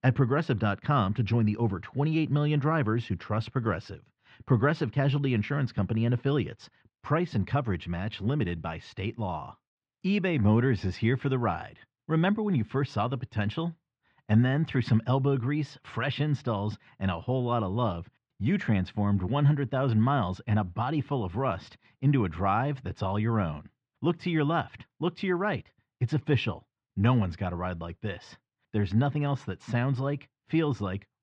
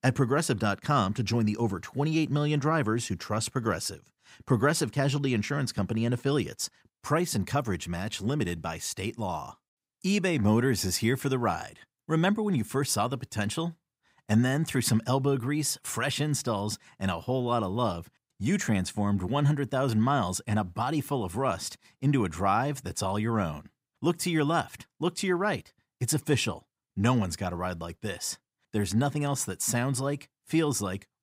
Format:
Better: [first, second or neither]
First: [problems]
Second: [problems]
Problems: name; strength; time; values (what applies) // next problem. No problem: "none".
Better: second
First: muffled; very; fading above 3.5 kHz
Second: none